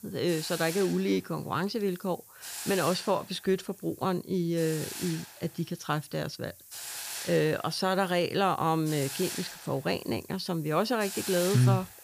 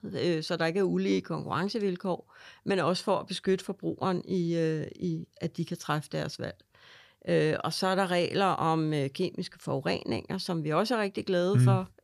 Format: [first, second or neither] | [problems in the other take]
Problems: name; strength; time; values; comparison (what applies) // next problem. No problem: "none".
second | hiss; loud; throughout; 9 dB below the speech